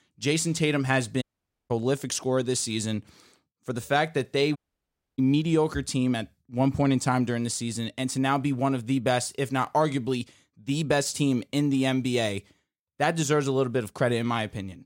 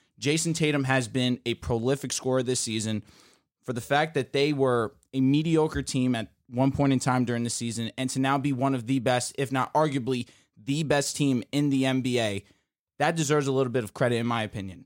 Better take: second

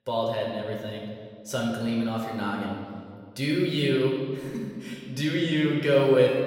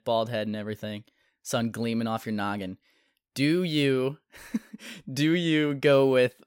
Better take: second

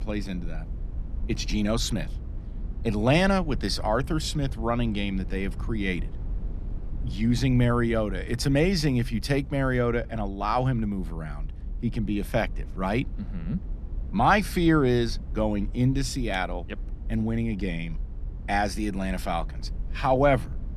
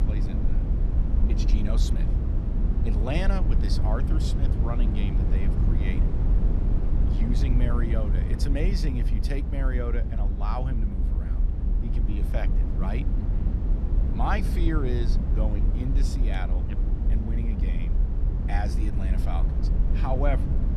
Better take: first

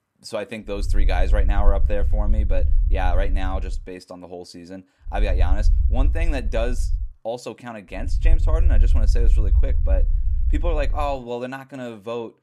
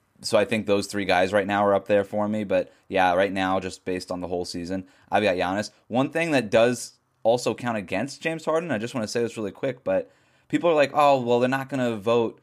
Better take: second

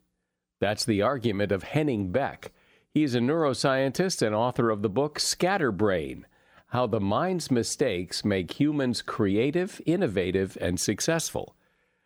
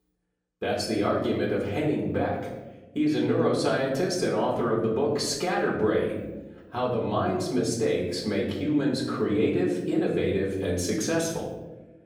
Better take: first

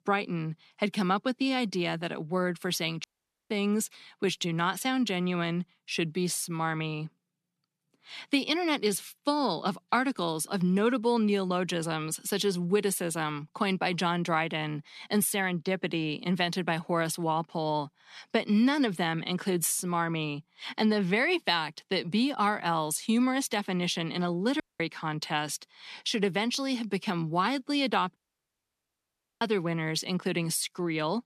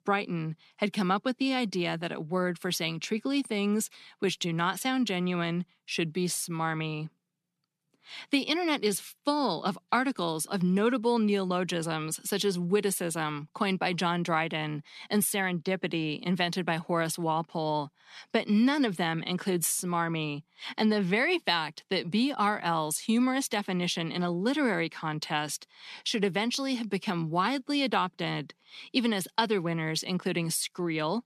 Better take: second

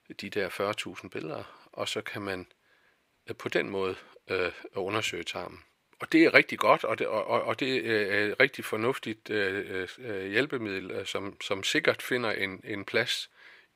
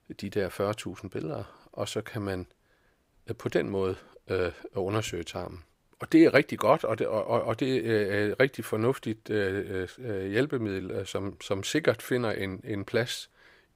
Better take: second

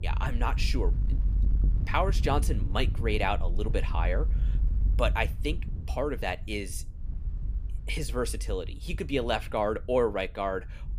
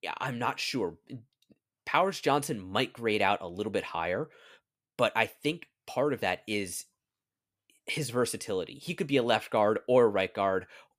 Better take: second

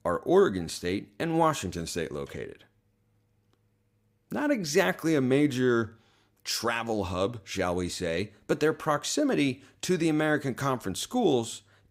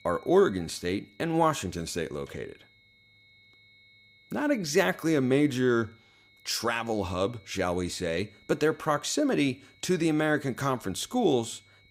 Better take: first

